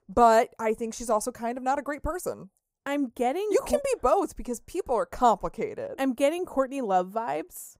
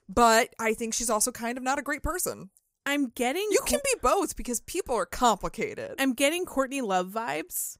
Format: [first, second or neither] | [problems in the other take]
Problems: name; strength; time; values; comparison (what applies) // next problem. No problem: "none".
second | muffled; slightly; fading above 1.5 kHz